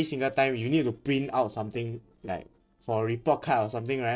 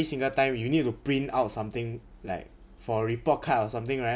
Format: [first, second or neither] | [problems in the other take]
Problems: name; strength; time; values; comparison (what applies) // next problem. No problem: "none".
second | noise reduction (neural separator model SepFormer DNS4)